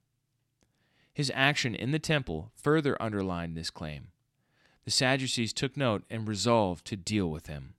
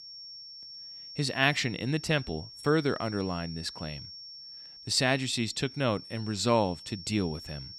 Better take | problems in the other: first | high-pitched whine; noticeable; throughout; 5.5 kHz, 15 dB below the speech

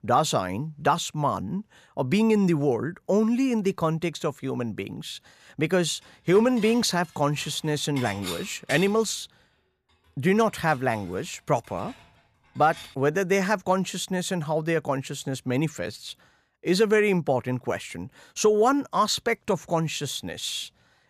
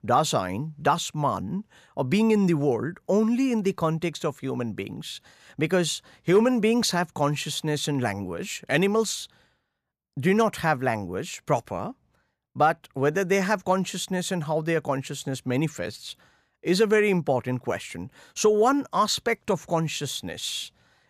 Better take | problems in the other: second | clattering dishes; noticeable; from 6.5 to 13 s; peak 9 dB below the speech

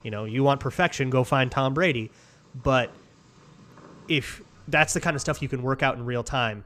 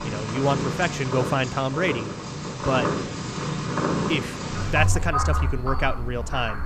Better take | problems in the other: first | animal sounds; loud; throughout; 2 dB below the speech; faint in the first

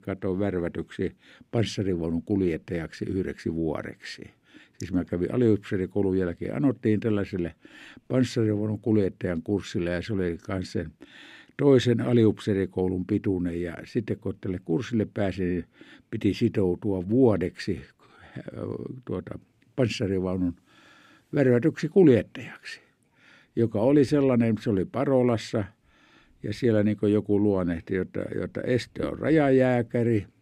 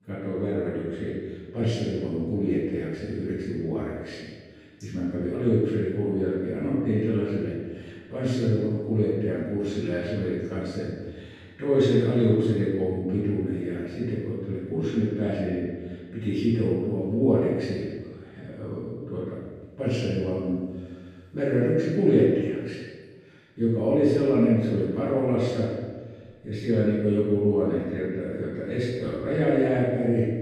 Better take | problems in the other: first | off-mic speech; far // room echo; strong; dies away in 1.3 s

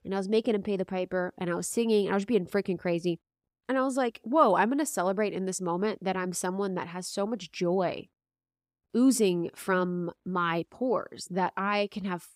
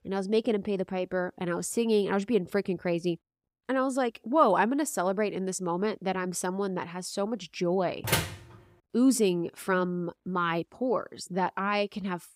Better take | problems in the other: first | door banging; loud; at 8 s; peak 1 dB above the speech

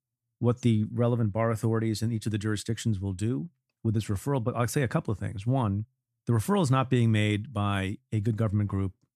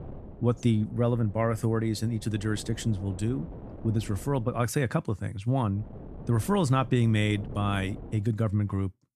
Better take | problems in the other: first | wind noise on the microphone; occasional gusts; until 4.5 s and from 6 to 8 s; 20 dB below the speech

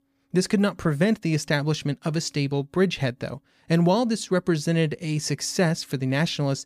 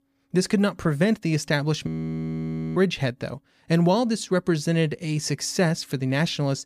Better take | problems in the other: first | audio freezing; at 2 s for 1 s

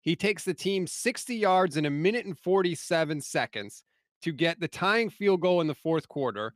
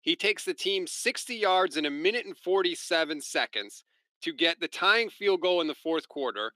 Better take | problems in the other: first | thin; somewhat; fading below 300 Hz

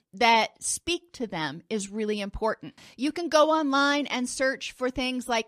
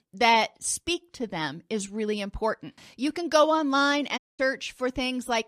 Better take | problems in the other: first | audio cutting out; at 4 s

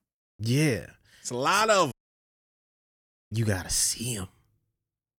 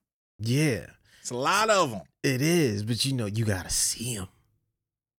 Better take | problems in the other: second | audio cutting out; at 2 s for 1.5 s

